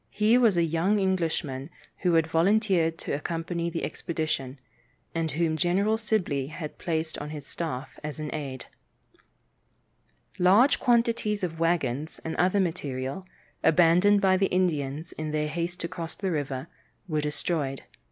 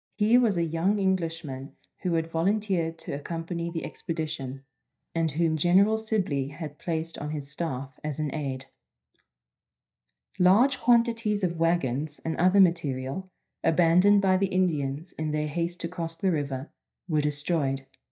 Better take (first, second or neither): first